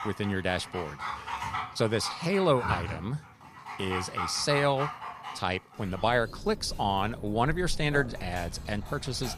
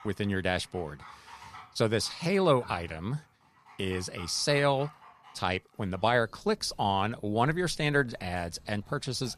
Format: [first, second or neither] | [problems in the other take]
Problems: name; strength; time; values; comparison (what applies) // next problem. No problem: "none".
second | animal sounds; loud; throughout; 8 dB below the speech; faint in the second